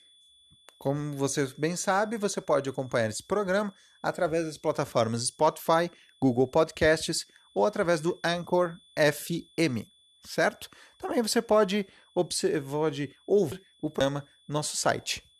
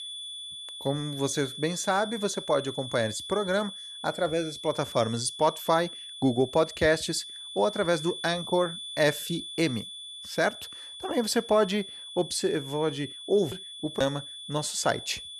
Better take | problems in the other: first | high-pitched whine; loud; throughout; 3.5 kHz, 10 dB below the speech; faint in the first

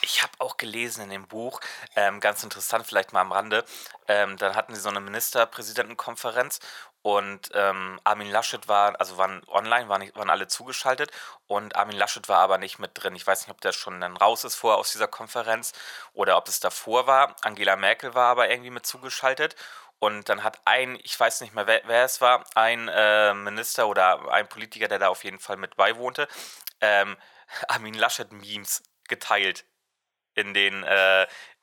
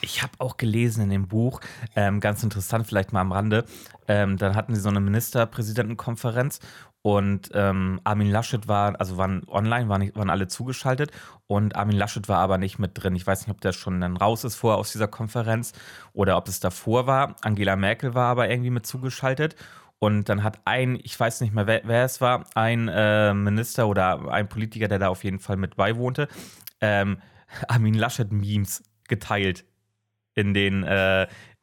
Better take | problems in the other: second | thin; very; fading below 750 Hz

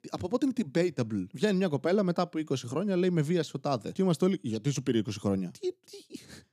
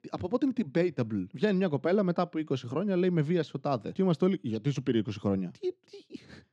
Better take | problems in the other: first | muffled; slightly; fading above 3.5 kHz

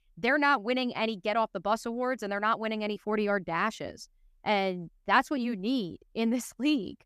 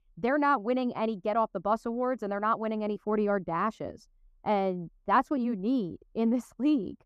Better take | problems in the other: first | muffled; slightly; fading above 1 kHz

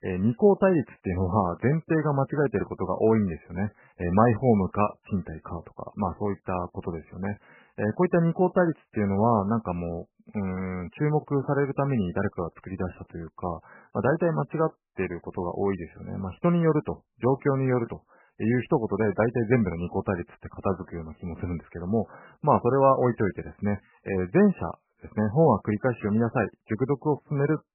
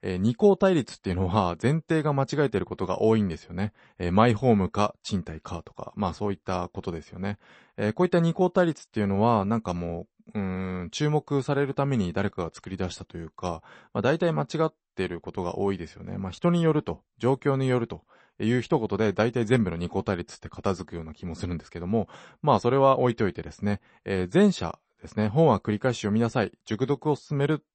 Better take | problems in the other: second | garbled, watery; badly; nothing above 2.5 kHz; slightly in the second

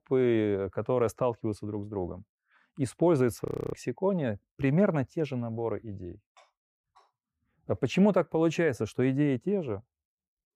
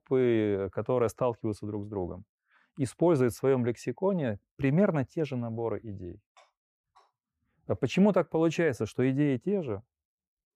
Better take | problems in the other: second | audio freezing; at 3.5 s

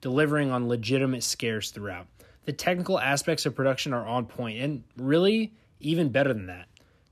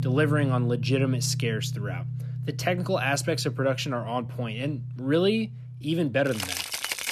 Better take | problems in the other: first | background music; loud; throughout; 5 dB below the speech

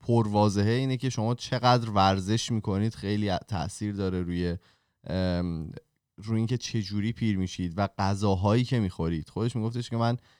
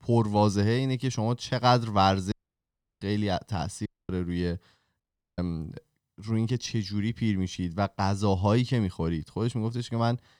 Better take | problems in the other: first | audio cutting out; at 2.5 s for 0.5 s, at 4 s and at 5 s

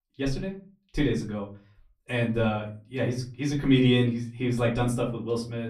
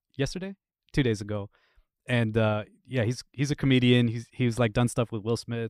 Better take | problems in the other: second | off-mic speech; far // room echo; very slight; dies away in 0.3 s

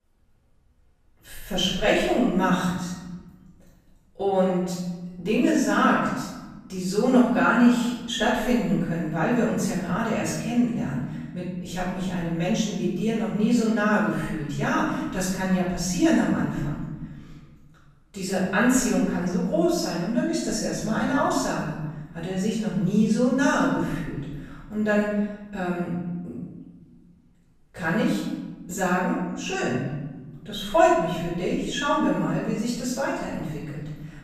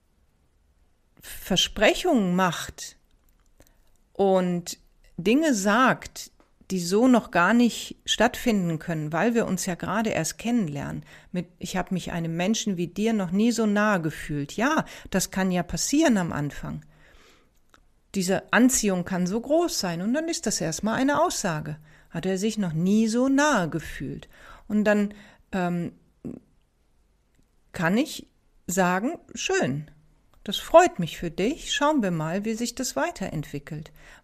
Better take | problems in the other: second | off-mic speech; far // room echo; strong; dies away in 1.4 s

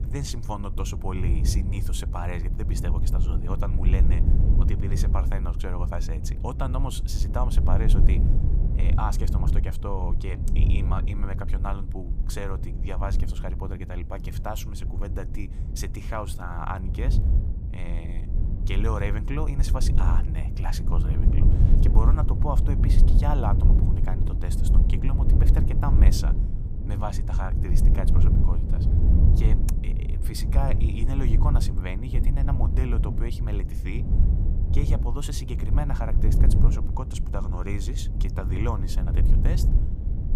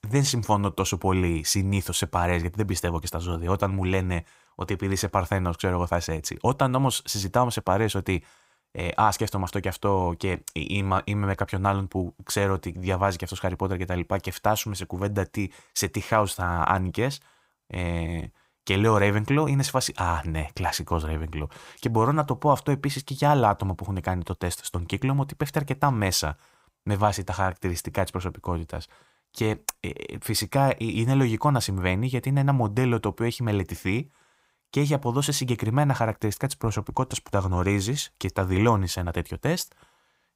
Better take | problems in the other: second | wind noise on the microphone; heavy; 4 dB below the speech

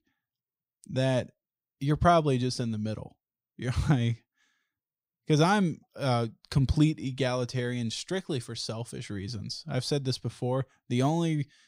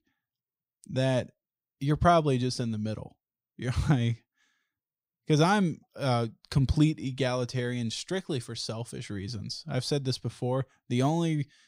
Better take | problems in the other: neither | none

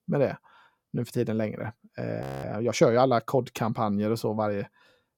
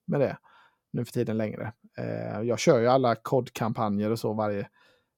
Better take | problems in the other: second | audio freezing; at 2 s

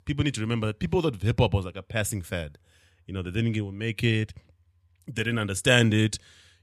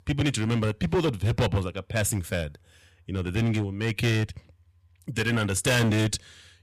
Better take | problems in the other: first | distortion; heavy; 10% of the sound clipped

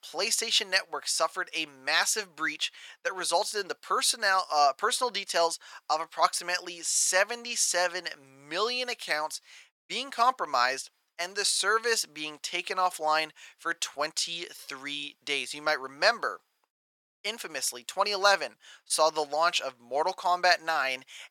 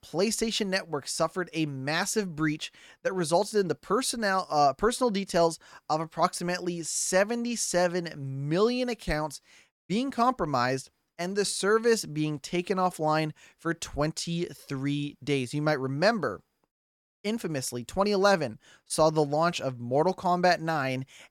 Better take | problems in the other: second | thin; very; fading below 800 Hz

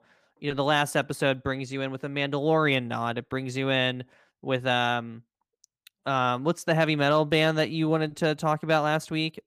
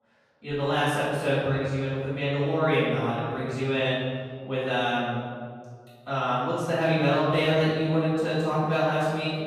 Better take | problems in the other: first | room echo; strong; dies away in 2 s // off-mic speech; far

